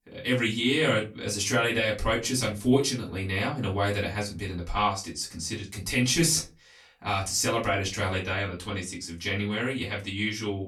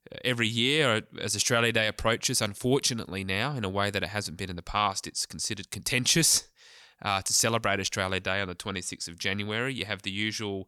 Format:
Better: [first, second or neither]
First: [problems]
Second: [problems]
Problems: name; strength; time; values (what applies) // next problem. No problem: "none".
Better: second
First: off-mic speech; far // room echo; very slight; dies away in 0.3 s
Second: none